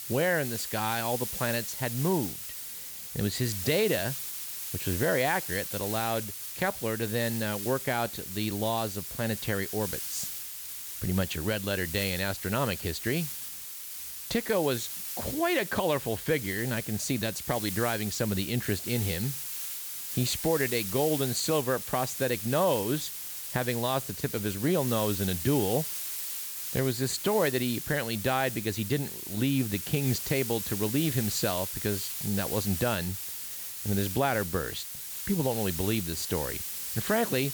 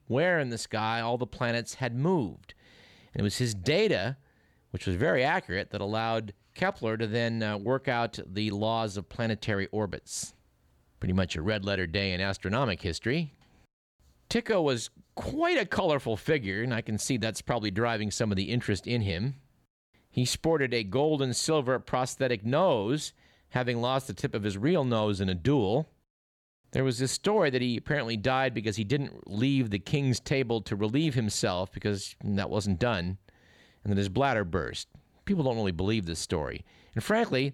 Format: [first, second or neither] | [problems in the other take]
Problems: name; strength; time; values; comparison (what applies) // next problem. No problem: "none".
second | hiss; loud; throughout; 4 dB below the speech